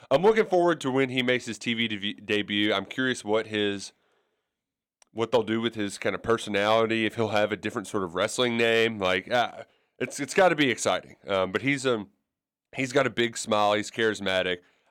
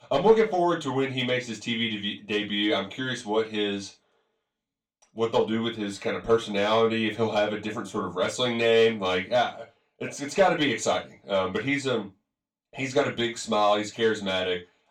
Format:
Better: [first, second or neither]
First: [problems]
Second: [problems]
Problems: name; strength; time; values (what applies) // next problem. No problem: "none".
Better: first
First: none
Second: room echo; slight; dies away in 0.2 s // off-mic speech; far